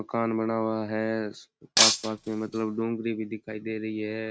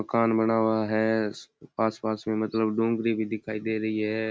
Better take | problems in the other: second | noise reduction (neural mask model RNNoise)

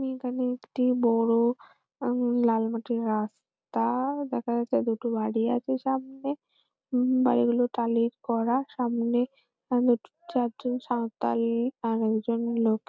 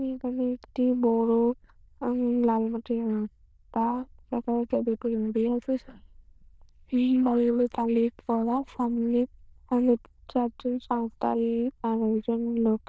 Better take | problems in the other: first | noise reduction (neural diffusion model UNIVERSE++)

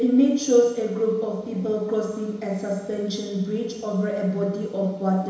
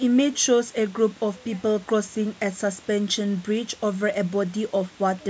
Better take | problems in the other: second | room echo; dies away in 1 s

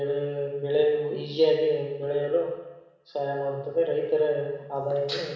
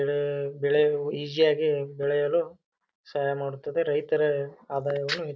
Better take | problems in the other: second | room echo; dies away in 1 s

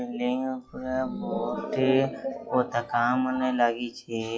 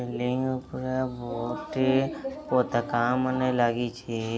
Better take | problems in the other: second | noise reduction (classical method WPE with log-MMSE)

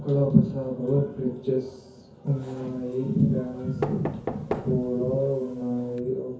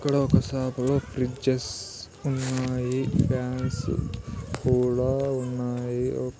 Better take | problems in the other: second | background sound (Knock); 11 dB below the speech // room echo; dies away in 0.6 s

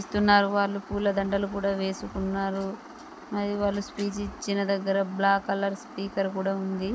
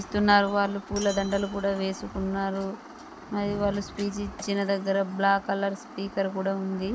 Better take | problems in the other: first | background sound (Shatter + Slam); 19 dB below the speech

